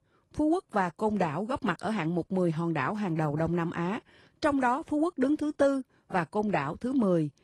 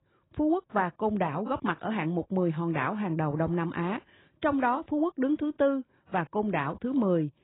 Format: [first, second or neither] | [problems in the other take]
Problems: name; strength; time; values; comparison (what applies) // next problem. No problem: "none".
first | garbled, watery; badly; nothing above 4 kHz; slightly in the first